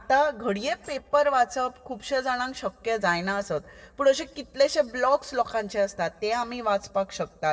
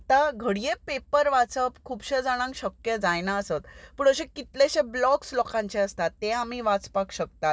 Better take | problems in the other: second | noise reduction (neural separator model SepFormer DNS4)

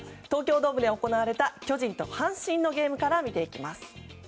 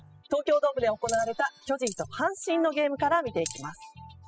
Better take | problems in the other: first | noise reduction (classical method spectral subtraction)

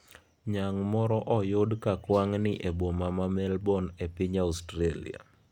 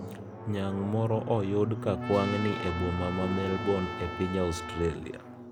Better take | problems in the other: first | background sound (Trumpet + Drum); 7 dB below the speech

